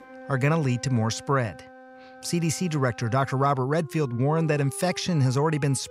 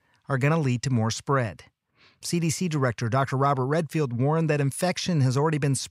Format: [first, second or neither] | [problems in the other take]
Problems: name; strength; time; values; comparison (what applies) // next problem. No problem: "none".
second | background music; noticeable; throughout; 20 dB below the speech